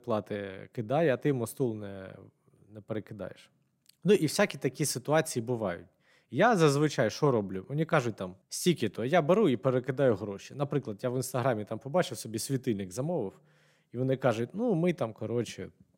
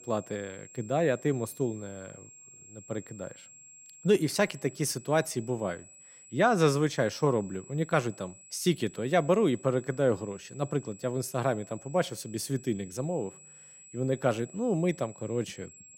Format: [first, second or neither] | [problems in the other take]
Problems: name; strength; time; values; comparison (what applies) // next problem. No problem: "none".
first | high-pitched whine; noticeable; throughout; 7.5 kHz, 20 dB below the speech